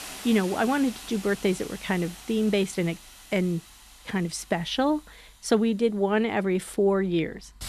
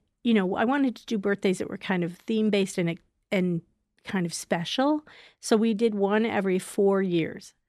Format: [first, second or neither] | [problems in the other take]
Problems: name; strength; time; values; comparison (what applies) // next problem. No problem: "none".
second | hiss; noticeable; throughout; 15 dB below the speech